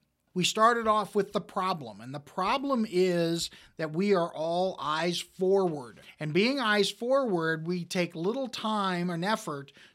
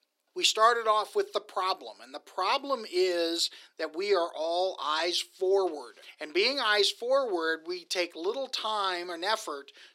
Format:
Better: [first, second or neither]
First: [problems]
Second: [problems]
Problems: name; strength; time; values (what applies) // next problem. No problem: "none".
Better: first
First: none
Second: thin; very; fading below 350 Hz